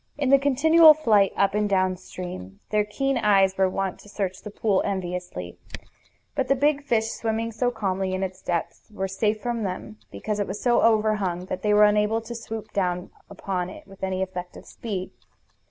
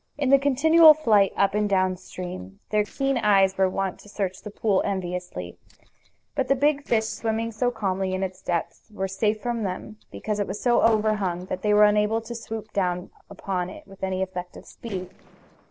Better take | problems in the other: first | noise reduction (neural separator model SepFormer DNS4)

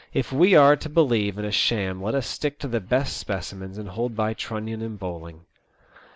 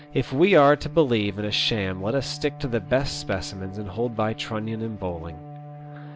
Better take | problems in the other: first | background sound (Bowed string instrument); 17 dB below the speech

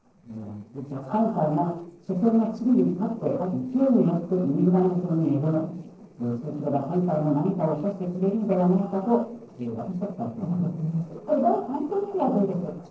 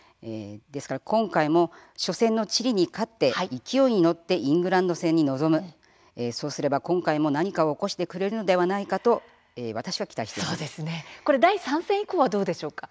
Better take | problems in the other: second | noise reduction (neural separator model SepFormer DNS4)

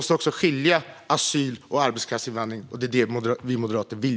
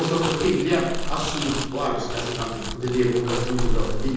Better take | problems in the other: first | background sound (Crumpling, crinkling); 2 dB below the speech // room echo; dies away in 1.3 s

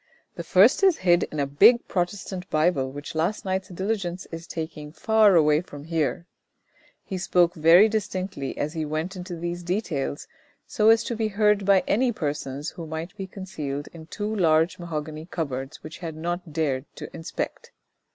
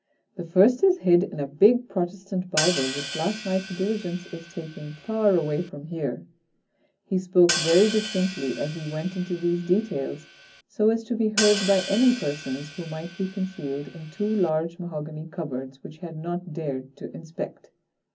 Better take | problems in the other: first | background sound (Hi-hat); 8 dB below the speech // room echo; dies away in 0.3 s

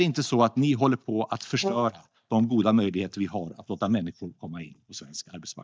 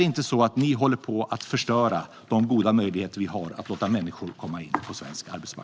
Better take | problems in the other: second | noise reduction (neural mask model DeepFilterNet 3)

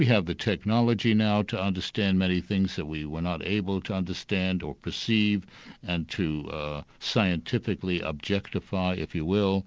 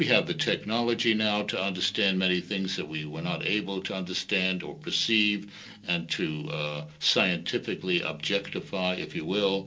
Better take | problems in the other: first | room echo; dies away in 0.2 s

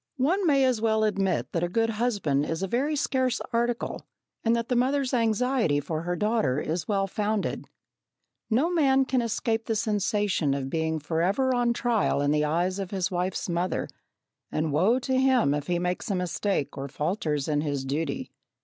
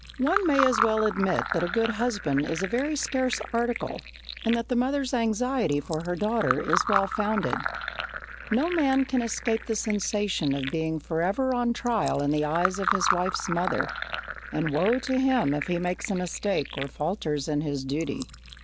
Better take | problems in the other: first | background sound (Fill (with liquid)); 7 dB below the speech

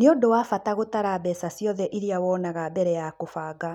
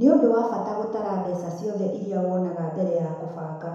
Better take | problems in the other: first | room echo; dies away in 1 s

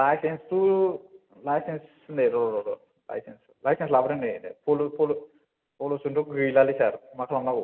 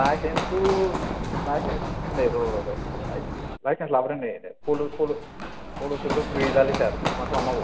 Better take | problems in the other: first | background sound (Run); 3 dB below the speech

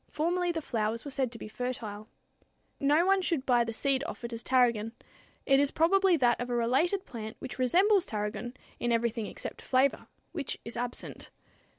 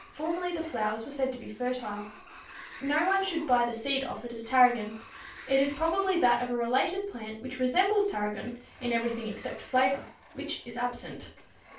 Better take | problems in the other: first | background sound (Sliding door); 20 dB below the speech // room echo; dies away in 0.3 s

